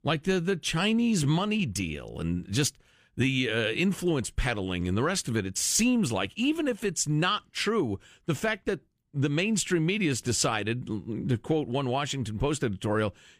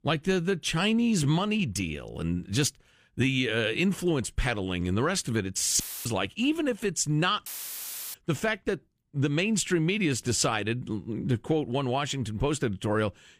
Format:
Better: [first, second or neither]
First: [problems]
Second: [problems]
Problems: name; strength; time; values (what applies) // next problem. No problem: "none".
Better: first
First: none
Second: audio cutting out; filled with static; at 6 s and at 7.5 s for 0.5 s